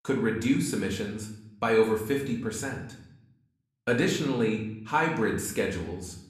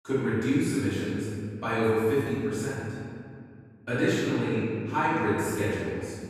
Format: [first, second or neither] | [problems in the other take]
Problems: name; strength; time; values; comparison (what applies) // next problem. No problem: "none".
first | room echo; strong; dies away in 2.1 s; slight in the first // off-mic speech; far; somewhat distant in the first